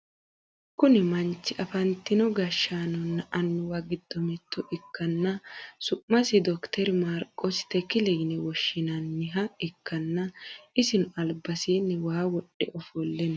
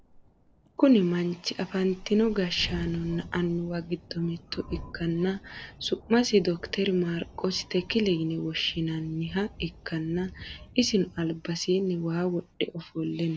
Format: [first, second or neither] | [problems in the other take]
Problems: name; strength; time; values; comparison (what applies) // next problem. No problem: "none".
first | background sound (Thunderstorm); 18 dB below the speech